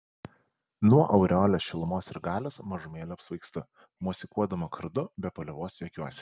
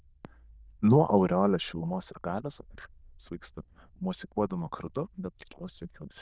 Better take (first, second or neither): first